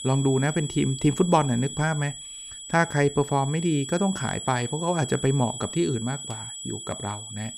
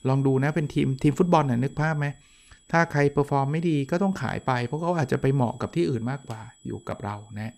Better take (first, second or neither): second